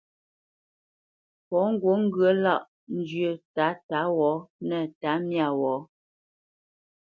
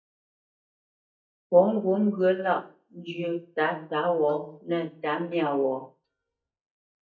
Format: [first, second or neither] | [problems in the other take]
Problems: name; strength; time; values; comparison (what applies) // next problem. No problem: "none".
first | noise reduction (neural mask model DeepFilterNet 3)